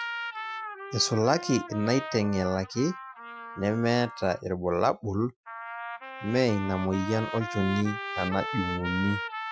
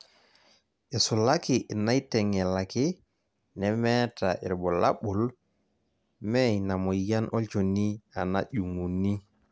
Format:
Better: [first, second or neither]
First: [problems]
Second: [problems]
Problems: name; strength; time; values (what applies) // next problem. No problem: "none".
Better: second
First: noise reduction (classical method Wiener filter)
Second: none